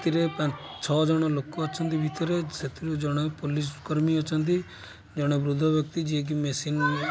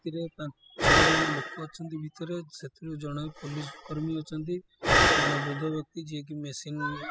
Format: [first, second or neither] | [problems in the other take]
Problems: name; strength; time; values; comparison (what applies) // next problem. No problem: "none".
first | noise reduction (classical method spectral subtraction)